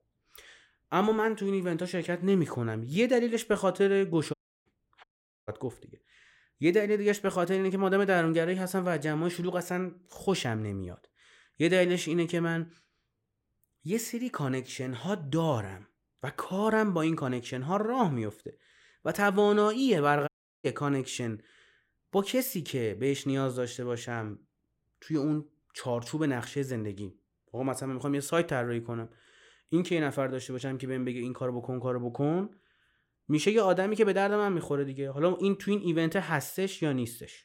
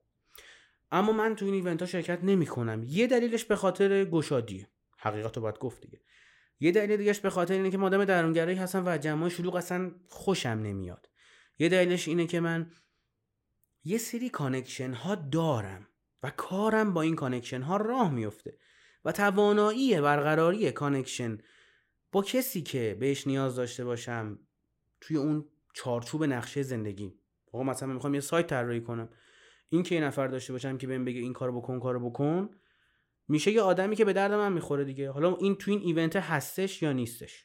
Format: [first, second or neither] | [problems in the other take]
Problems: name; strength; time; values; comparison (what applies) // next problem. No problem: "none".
second | audio cutting out; at 4.5 s, at 5 s and at 20 s